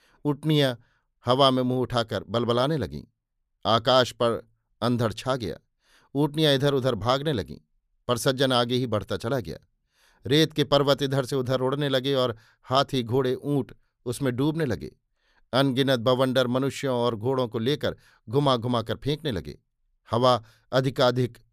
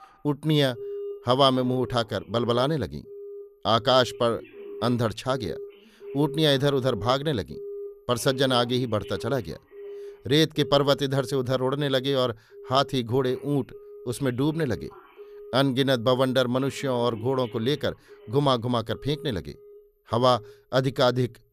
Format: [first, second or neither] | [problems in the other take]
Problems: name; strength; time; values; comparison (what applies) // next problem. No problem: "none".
first | alarms or sirens; noticeable; throughout; 15 dB below the speech